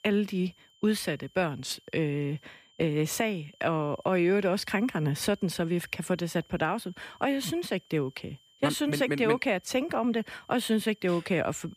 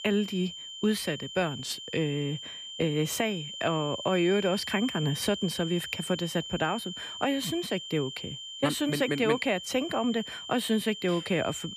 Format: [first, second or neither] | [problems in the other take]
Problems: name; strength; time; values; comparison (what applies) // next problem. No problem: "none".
first | high-pitched whine; loud; throughout; 3 kHz, 8 dB below the speech; faint in the first